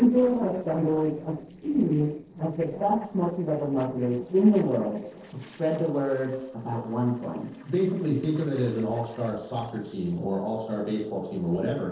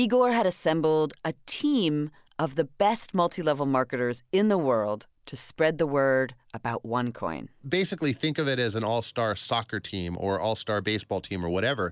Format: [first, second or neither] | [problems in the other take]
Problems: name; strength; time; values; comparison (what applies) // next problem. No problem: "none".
second | noise reduction (neural separator model SepFormer DNS4)